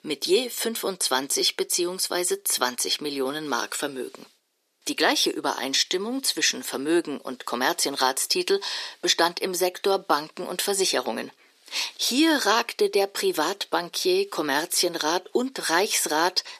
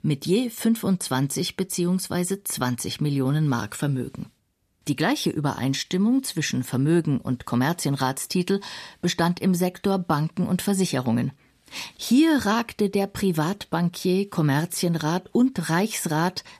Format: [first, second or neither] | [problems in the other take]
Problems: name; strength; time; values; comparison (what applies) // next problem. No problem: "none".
second | thin; very; fading below 400 Hz